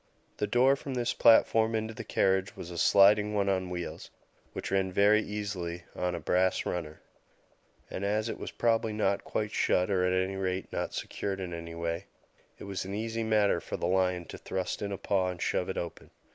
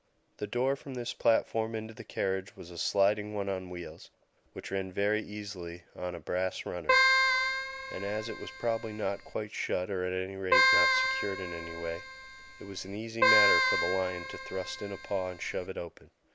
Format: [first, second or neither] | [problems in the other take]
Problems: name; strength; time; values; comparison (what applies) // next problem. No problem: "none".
first | background sound (Keyboard (musical)); 4 dB above the speech